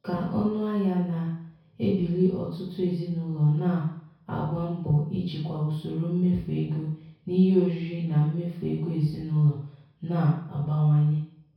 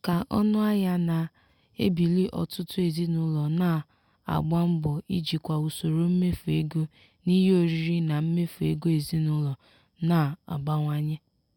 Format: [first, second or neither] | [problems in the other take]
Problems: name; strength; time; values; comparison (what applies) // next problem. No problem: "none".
second | room echo; dies away in 0.6 s